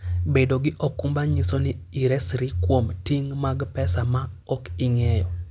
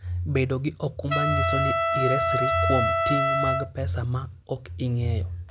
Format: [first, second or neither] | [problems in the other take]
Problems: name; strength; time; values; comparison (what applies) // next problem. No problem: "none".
first | background sound (Trumpet); as loud as the speech